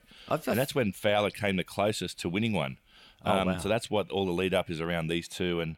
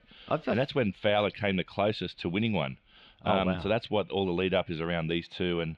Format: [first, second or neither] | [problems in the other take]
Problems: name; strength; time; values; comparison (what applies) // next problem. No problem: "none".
first | muffled; very slightly; fading above 3.5 kHz